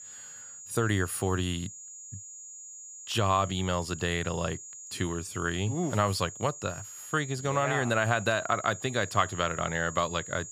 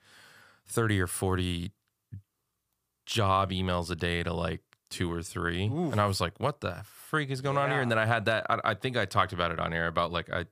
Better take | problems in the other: second | high-pitched whine; noticeable; throughout; 7 kHz, 10 dB below the speech

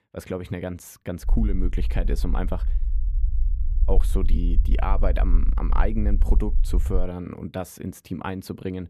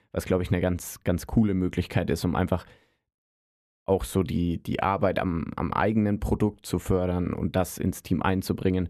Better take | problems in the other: second | low rumble; noticeable; from 1 to 7 s; 15 dB below the speech

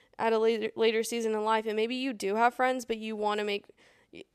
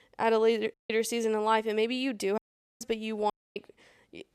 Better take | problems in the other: first | audio cutting out; at 0.5 s, at 2.5 s and at 3.5 s

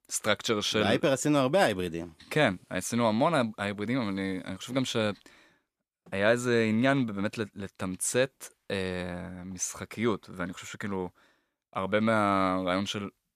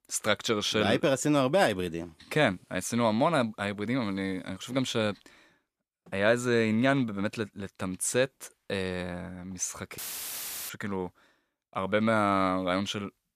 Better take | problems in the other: first | audio cutting out; filled with static; at 10 s for 0.5 s

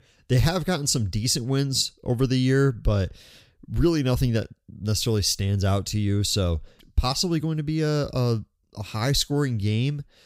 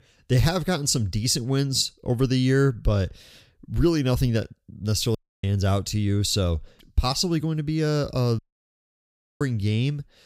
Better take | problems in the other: first | audio cutting out; at 5 s and at 8.5 s for 1 s

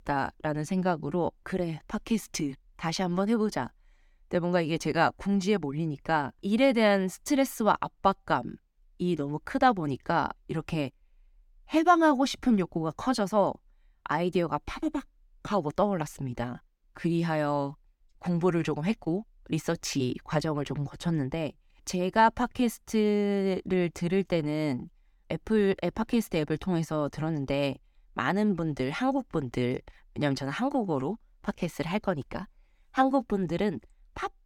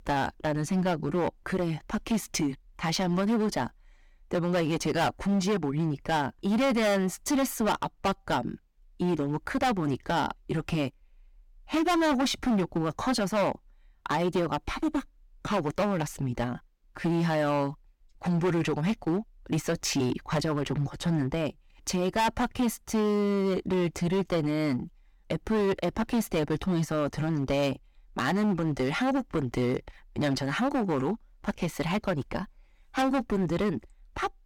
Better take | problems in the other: first | distortion; heavy; 13% of the sound clipped

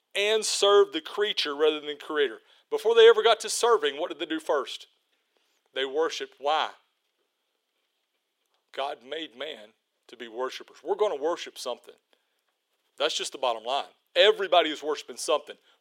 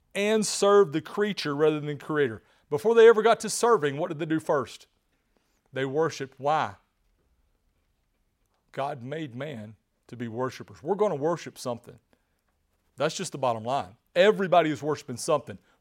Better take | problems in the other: second | thin; somewhat; fading below 350 Hz

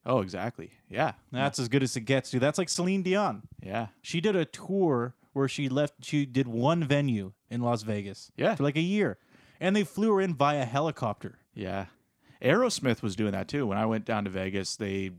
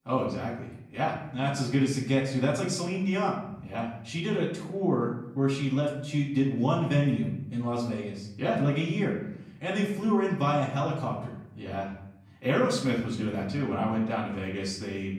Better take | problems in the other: first | room echo; noticeable; dies away in 0.7 s // off-mic speech; far

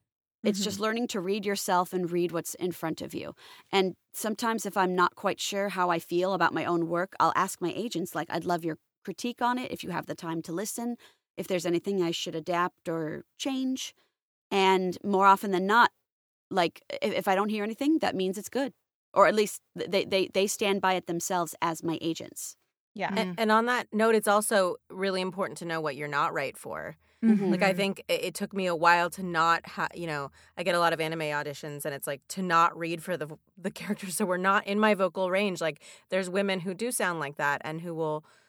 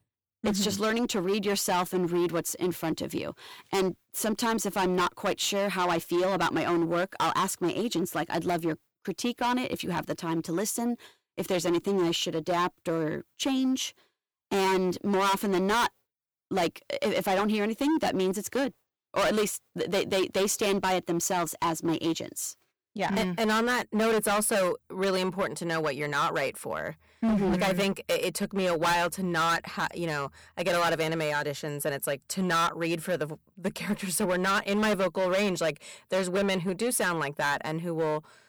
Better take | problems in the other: first | distortion; heavy; 14% of the sound clipped

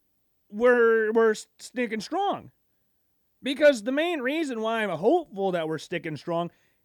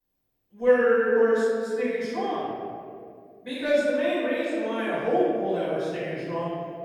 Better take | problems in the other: first | off-mic speech; far // room echo; strong; dies away in 2.2 s

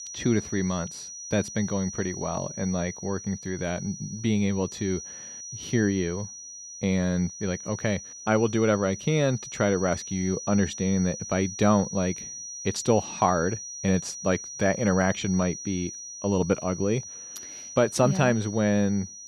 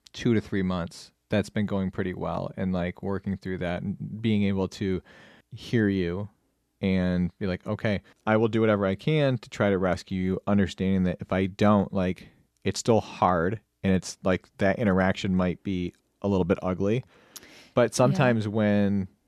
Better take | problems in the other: second | high-pitched whine; noticeable; throughout; 6 kHz, 10 dB below the speech

